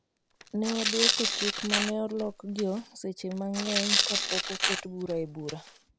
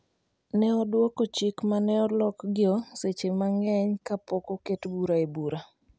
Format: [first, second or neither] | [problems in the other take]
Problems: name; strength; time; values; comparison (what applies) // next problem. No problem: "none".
second | background sound (Tearing); 2 dB above the speech